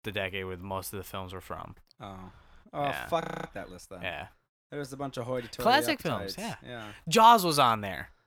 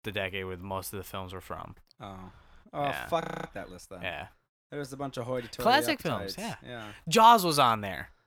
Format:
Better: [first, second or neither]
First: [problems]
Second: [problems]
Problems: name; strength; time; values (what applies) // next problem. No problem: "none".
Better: neither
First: audio freezing; at 3 s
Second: audio freezing; at 3 s